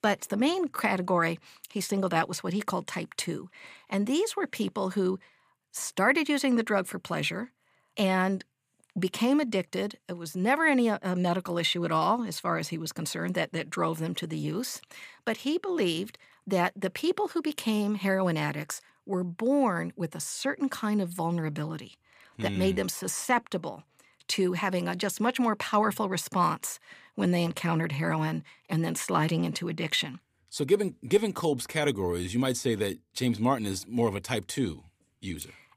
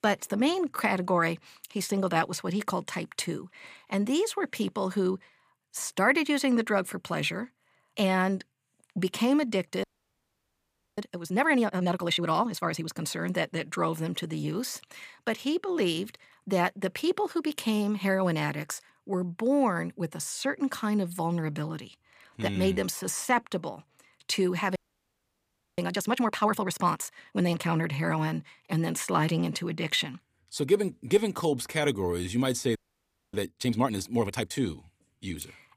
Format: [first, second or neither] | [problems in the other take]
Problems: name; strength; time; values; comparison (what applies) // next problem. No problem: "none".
first | audio freezing; at 10 s for 1 s, at 25 s for 1 s and at 33 s for 0.5 s